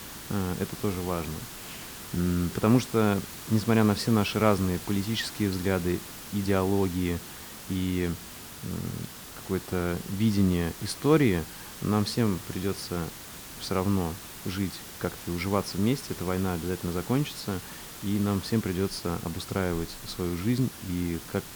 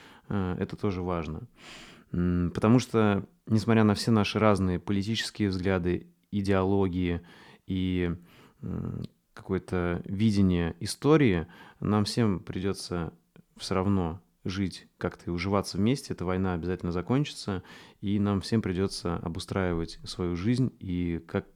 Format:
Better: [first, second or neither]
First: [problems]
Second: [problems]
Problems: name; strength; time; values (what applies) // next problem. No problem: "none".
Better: second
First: hiss; noticeable; throughout; 10 dB below the speech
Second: none